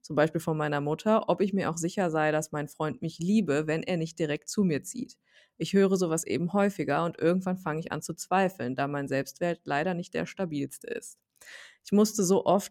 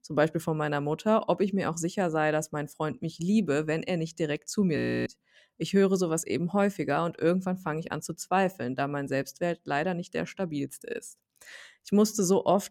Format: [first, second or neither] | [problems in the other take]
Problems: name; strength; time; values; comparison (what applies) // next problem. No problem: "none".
first | audio freezing; at 5 s